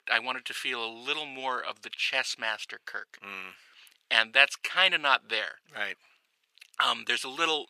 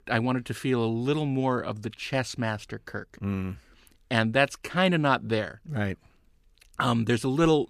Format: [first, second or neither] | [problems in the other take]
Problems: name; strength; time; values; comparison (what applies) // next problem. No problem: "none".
second | thin; very; fading below 800 Hz